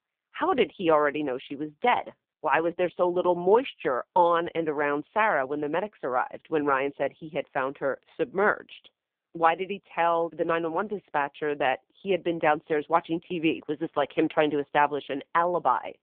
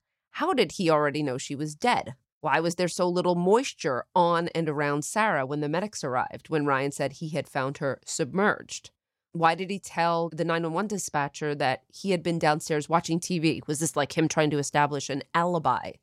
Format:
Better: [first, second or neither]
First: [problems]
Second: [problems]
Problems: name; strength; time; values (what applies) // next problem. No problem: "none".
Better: second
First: phone-call audio; poor line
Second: none